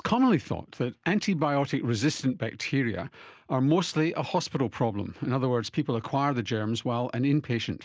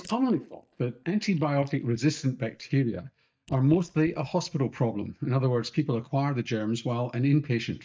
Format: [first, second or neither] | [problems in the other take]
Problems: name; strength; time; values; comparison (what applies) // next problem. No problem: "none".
first | noise reduction (neural mask model DeepFilterNet 3)